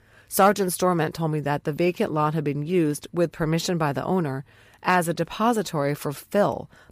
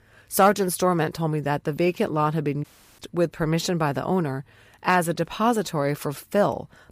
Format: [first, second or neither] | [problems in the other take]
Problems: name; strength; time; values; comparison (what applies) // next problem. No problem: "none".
first | audio cutting out; at 2.5 s